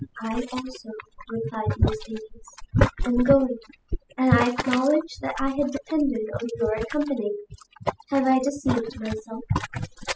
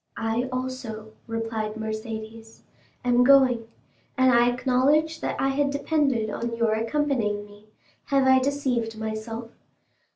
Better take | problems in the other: second | noise reduction (classical method spectral subtraction)

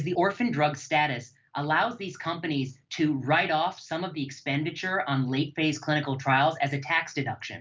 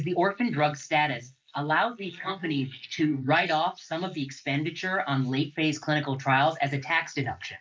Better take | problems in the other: first | noise reduction (neural mask model Resemble Enhance denoiser)

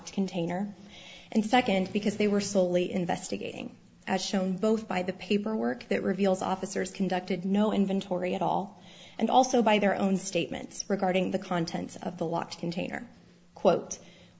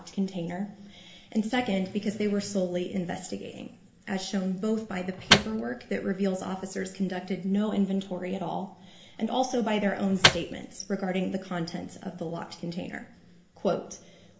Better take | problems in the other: first | background sound (Microwave oven); 2 dB above the speech // room echo; dies away in 1.3 s

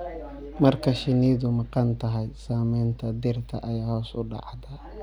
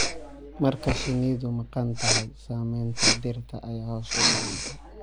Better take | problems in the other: first | background sound (Respiratory sounds); as loud as the speech

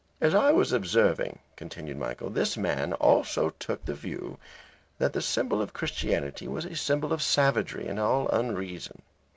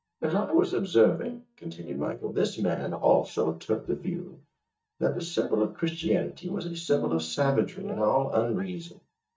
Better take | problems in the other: first | noise reduction (neural mask model DeepFilterNet 3)

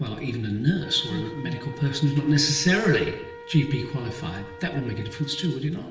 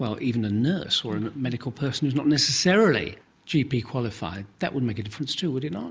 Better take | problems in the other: second | background sound (Wind instrument, woodwind instrument); 17 dB below the speech // room echo; dies away in 0.8 s

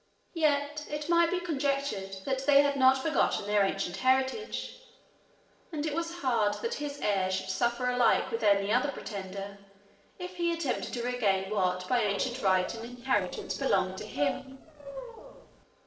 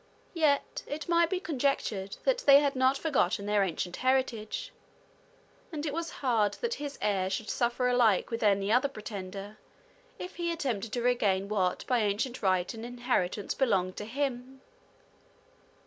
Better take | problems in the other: second | noise reduction (neural separator model SepFormer DNS4)

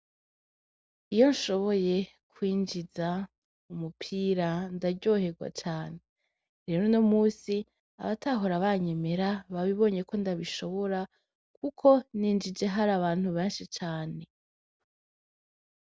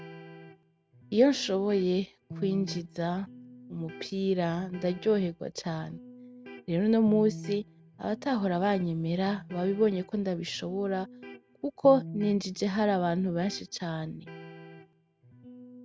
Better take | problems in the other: first | background sound (Electric guitar); 16 dB below the speech

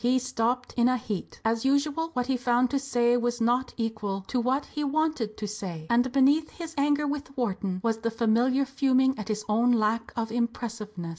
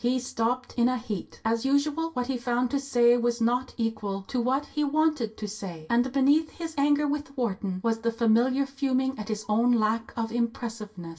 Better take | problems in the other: first | room echo; dies away in 0.2 s

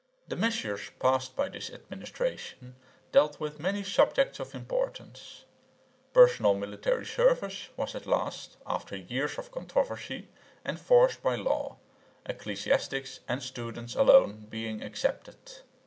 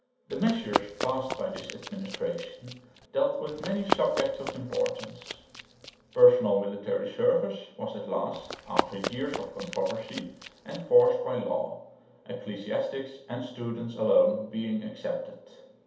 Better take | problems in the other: first | background sound (Run); 7 dB below the speech // room echo; dies away in 2.2 s

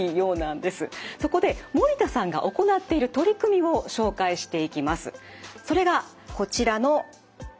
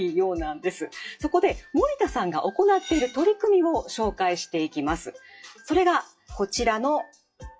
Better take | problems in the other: first | noise reduction (classical method WPE with log-MMSE)

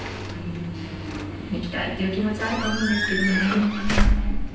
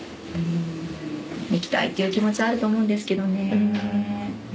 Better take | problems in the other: second | background sound (Squeak / Slam / Alarm / Wood); 1 dB above the speech // room echo; dies away in 0.9 s

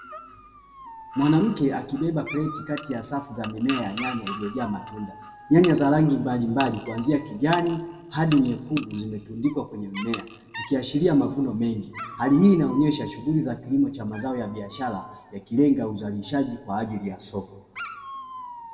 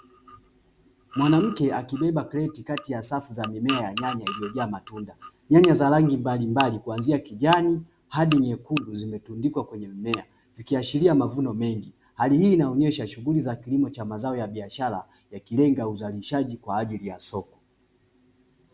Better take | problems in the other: second | background sound (Dog); 18 dB below the speech // room echo; dies away in 1.1 s

